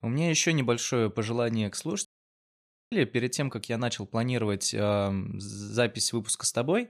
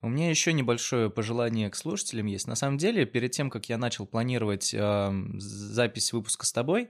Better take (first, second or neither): second